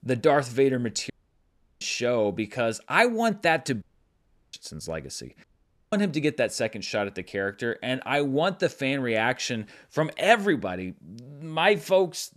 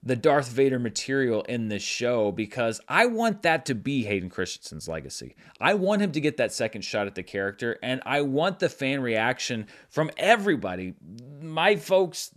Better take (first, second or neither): second